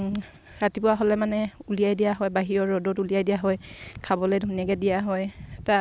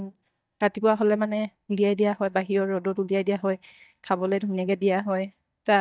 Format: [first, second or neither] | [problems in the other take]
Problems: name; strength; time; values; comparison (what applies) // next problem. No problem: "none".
first | noise reduction (neural mask model DeepFilterNet 3)